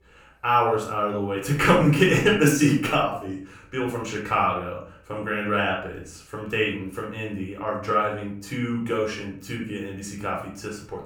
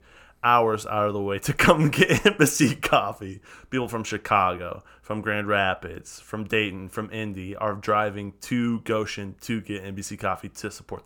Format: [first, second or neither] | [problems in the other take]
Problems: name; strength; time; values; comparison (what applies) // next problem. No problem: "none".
second | off-mic speech; far // room echo; noticeable; dies away in 0.4 s